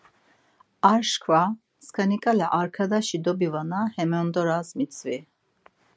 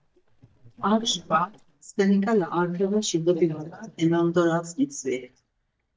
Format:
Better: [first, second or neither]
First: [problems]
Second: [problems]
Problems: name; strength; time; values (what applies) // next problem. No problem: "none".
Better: first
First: none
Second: noise reduction (neural mask model DeepFilterNet 3)